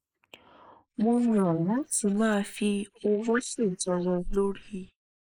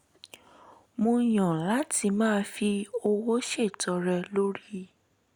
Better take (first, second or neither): second